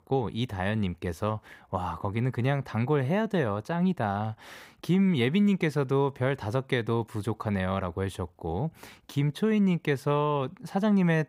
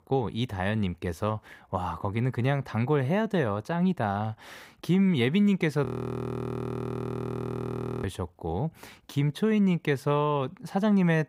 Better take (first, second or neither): first